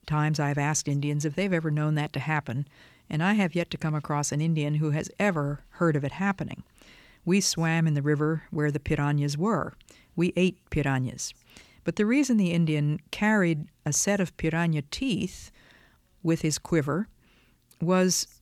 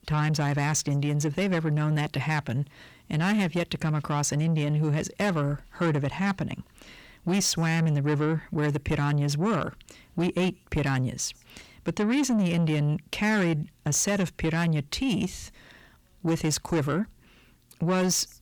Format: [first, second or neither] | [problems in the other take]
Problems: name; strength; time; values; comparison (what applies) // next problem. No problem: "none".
first | distortion; slight; 10 dB below the speech